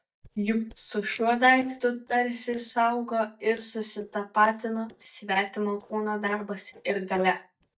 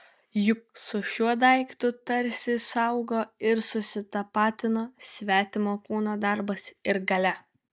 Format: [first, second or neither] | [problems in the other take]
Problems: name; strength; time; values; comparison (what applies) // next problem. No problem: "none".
second | noise reduction (neural mask model DeepFilterNet 3)